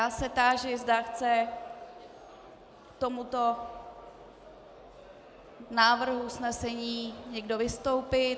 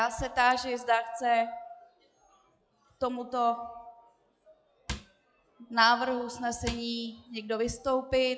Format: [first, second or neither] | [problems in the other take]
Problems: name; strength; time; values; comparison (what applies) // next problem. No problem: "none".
first | noise reduction (classical method log-MMSE)